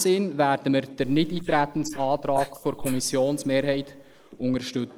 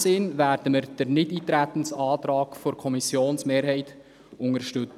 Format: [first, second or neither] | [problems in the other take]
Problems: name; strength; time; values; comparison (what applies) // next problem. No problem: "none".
second | noise reduction (neural mask model Resemble Enhance denoiser)